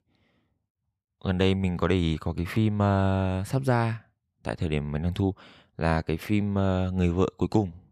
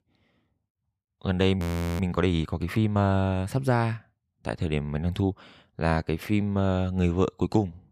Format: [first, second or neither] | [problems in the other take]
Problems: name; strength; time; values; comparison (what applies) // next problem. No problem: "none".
first | audio freezing; at 1.5 s